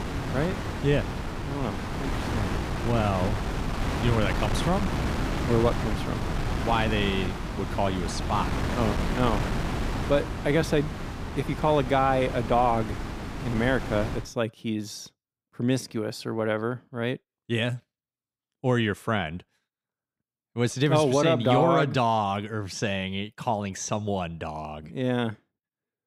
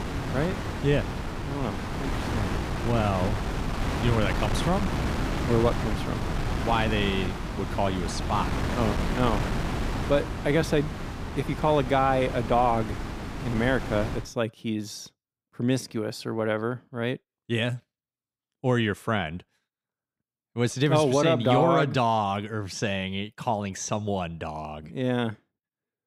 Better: neither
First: wind noise on the microphone; heavy; until 14 s; 6 dB below the speech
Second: wind noise on the microphone; heavy; until 14 s; 6 dB below the speech

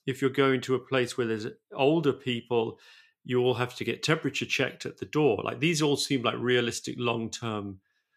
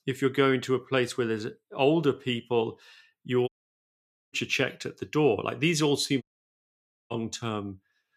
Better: first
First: none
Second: audio cutting out; at 3.5 s for 1 s and at 6 s for 1 s

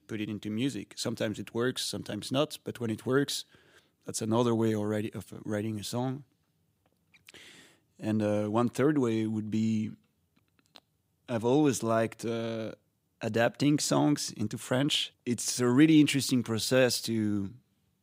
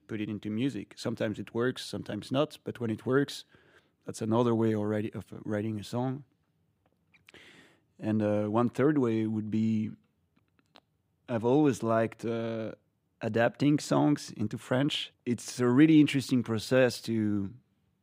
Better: first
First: none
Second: muffled; slightly; fading above 3.5 kHz

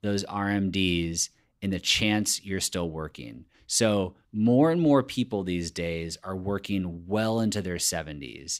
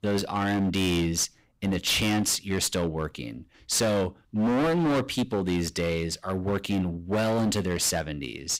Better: first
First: none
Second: distortion; heavy; 20% of the sound clipped

